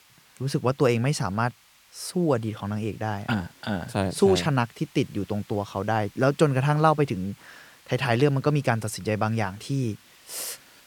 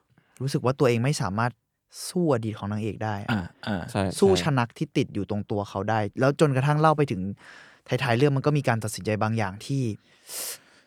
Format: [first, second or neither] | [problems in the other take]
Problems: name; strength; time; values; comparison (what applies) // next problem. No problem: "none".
second | hiss; faint; throughout; 25 dB below the speech